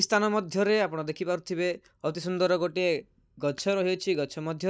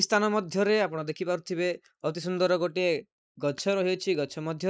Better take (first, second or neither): first